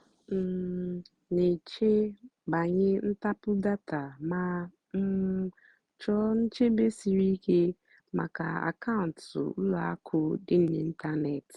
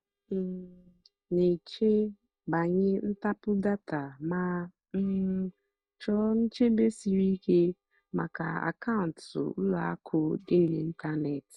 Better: first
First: none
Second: noise reduction (neural mask model DeepFilterNet 3)

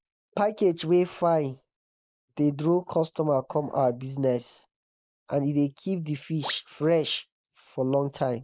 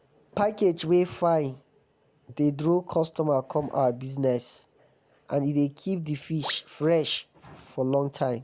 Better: second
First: noise reduction (neural mask model Resemble Enhance denoiser)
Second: none

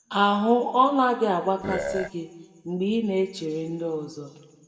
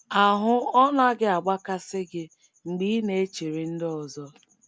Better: second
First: background sound (Burping, eructation); 5 dB below the speech // room echo; dies away in 1.2 s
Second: none

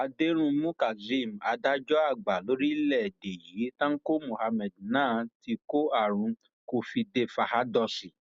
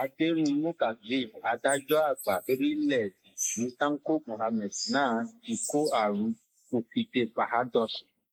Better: first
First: none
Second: noise reduction (neural mask model Resemble Enhance denoiser)

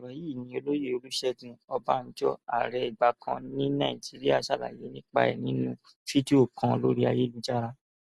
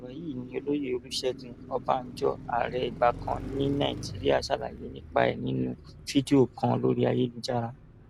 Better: first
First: none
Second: background sound (Car passing by); 14 dB below the speech

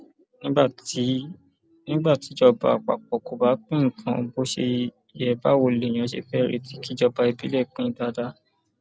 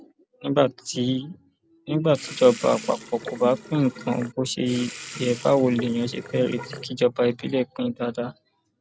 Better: first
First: none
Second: background sound (Sink (filling or washing) / Water tap, faucet); 15 dB below the speech

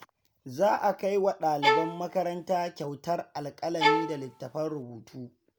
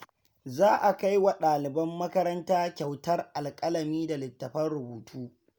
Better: second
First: background sound (Bowed string instrument); 2 dB above the speech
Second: none

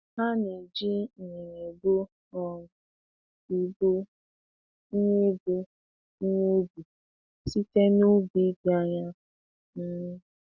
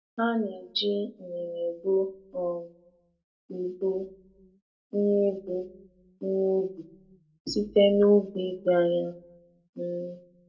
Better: first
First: none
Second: room echo; dies away in 0.2 s

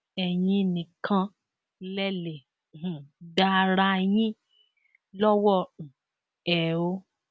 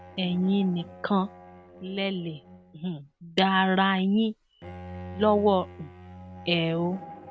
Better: first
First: none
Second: background sound (Bowed string instrument); 17 dB below the speech

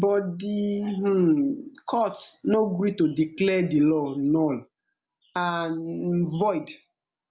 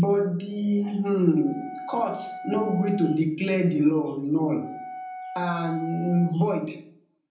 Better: first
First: none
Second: background sound (Wind instrument, woodwind instrument); 14 dB below the speech // room echo; dies away in 0.6 s

